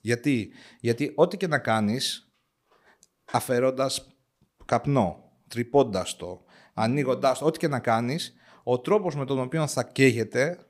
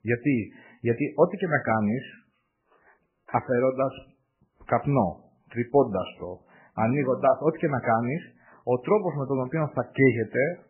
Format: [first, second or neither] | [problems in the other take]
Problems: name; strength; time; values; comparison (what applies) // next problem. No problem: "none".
first | garbled, watery; badly; nothing above 3 kHz